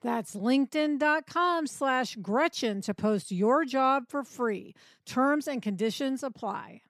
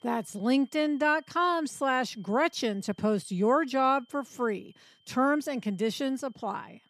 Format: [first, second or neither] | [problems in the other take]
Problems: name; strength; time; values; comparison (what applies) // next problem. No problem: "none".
first | high-pitched whine; faint; throughout; 3 kHz, 35 dB below the speech